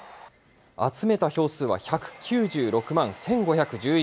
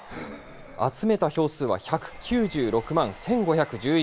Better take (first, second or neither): first